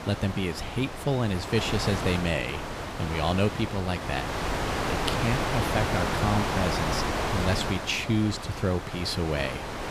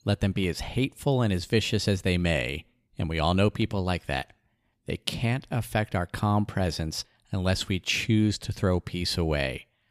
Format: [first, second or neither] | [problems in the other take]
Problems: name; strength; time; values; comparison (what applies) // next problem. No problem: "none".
second | wind noise on the microphone; heavy; 1 dB above the speech